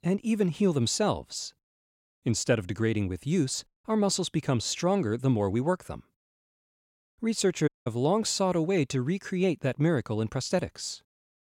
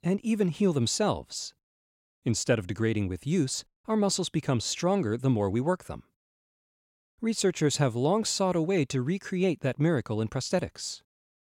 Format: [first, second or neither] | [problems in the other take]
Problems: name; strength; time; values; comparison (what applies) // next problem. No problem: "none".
second | audio cutting out; at 7.5 s